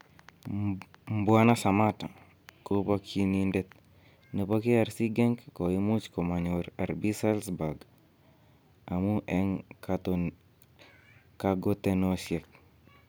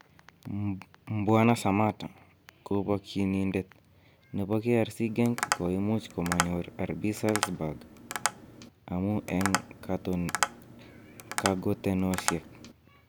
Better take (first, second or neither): first